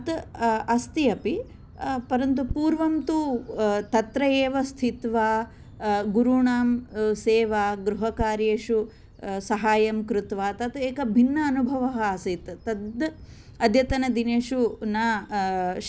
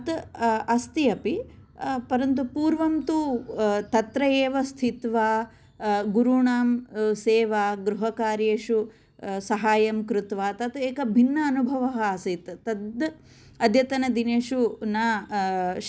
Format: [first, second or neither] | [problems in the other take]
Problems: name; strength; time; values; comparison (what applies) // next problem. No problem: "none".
second | background sound (Bird vocalization, bird call, bird song); 18 dB below the speech